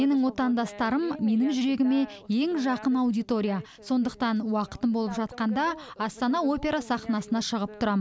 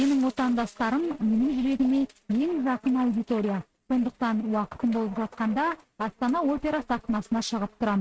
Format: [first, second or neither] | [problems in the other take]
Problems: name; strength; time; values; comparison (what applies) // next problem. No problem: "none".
first | noise reduction (neural mask model RNNoise)